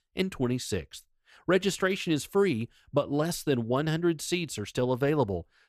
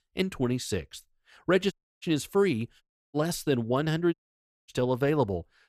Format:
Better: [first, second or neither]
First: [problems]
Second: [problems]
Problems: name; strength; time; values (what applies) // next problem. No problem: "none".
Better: first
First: none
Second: audio cutting out; at 1.5 s, at 3 s and at 4 s for 0.5 s